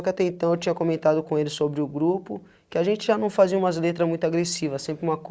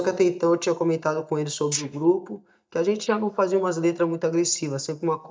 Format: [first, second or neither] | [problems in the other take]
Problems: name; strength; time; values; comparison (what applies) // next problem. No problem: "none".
first | noise reduction (neural mask model DeepFilterNet 3)